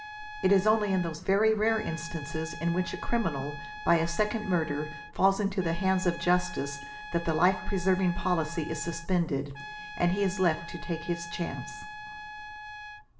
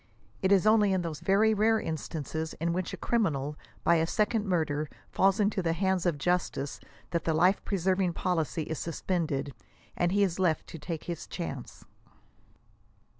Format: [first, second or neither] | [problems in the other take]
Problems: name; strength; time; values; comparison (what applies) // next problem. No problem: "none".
second | background sound (Trumpet); 13 dB below the speech // room echo; dies away in 0.6 s